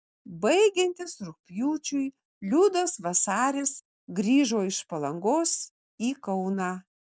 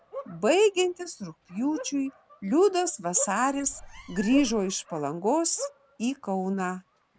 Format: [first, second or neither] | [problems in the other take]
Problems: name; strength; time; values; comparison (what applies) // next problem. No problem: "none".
first | background sound (Meow + Bark); 16 dB below the speech